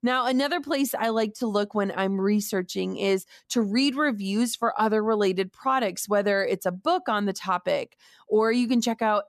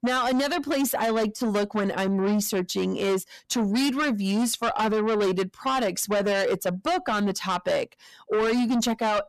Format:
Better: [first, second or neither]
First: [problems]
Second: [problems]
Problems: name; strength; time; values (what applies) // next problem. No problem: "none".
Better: first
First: none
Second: distortion; heavy; 8 dB below the speech